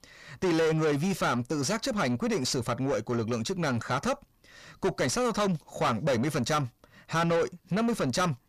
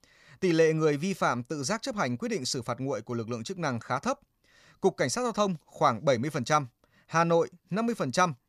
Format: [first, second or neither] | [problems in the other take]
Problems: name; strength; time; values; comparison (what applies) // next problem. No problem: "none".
second | distortion; heavy; 6 dB below the speech